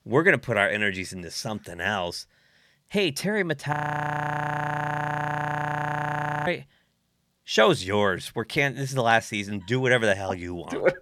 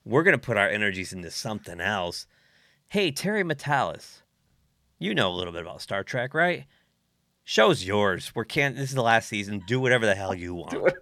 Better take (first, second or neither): second